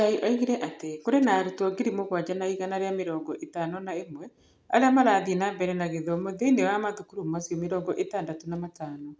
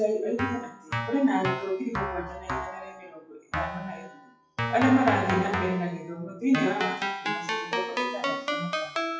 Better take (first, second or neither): first